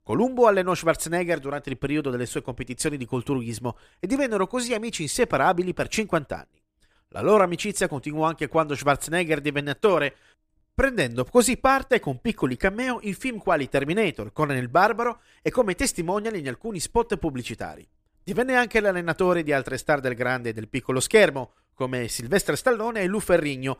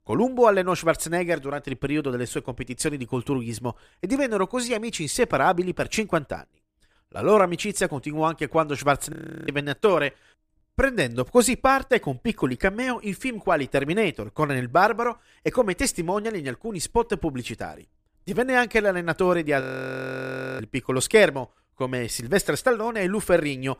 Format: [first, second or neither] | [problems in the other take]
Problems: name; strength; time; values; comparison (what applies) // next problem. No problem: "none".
first | audio freezing; at 9 s and at 20 s for 1 s